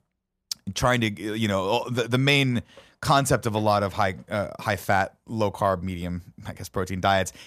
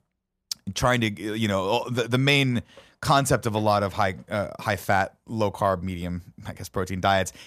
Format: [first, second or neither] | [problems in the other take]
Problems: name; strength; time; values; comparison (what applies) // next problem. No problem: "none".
neither | none